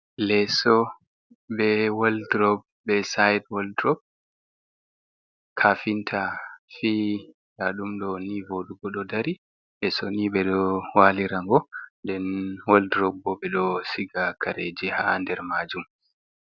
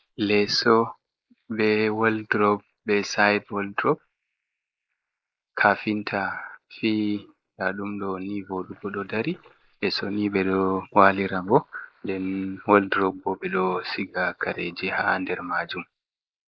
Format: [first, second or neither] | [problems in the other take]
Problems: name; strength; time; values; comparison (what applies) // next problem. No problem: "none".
first | noise reduction (neural mask model Resemble Enhance denoiser)